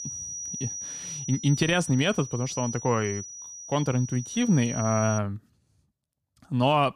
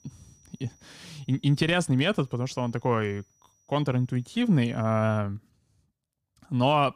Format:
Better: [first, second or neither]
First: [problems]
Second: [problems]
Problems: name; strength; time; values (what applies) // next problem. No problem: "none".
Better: second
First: high-pitched whine; loud; until 5 s; 6 kHz, 9 dB below the speech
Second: high-pitched whine; faint; until 5 s; 6 kHz, 35 dB below the speech